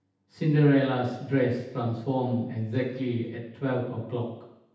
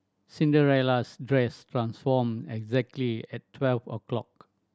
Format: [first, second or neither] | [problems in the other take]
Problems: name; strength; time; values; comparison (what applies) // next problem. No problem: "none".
second | room echo; dies away in 0.9 s